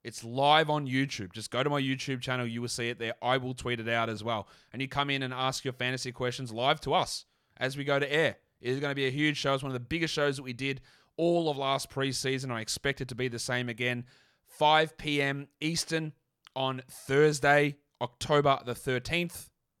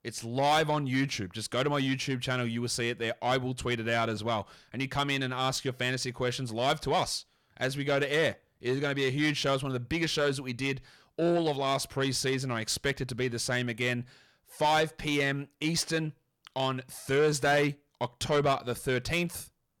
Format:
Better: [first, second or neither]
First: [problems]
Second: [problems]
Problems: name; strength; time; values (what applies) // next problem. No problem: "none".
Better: first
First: none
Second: distortion; slight; 10 dB below the speech